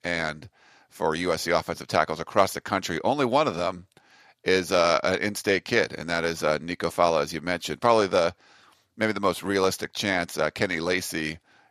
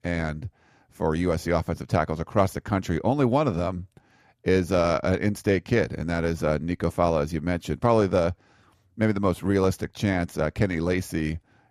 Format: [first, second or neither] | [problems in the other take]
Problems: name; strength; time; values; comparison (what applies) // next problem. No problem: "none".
second | thin; somewhat; fading below 800 Hz